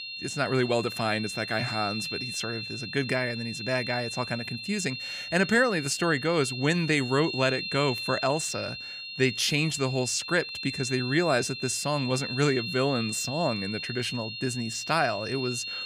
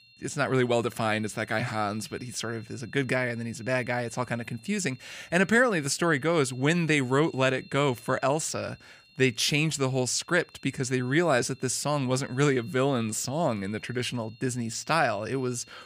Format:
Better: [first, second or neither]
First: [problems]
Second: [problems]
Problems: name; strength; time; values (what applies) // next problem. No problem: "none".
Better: second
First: high-pitched whine; loud; throughout; 4 kHz, 6 dB below the speech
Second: high-pitched whine; faint; throughout; 4 kHz, 25 dB below the speech